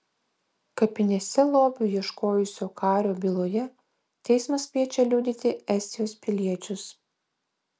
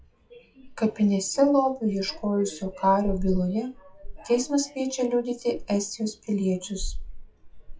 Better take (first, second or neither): first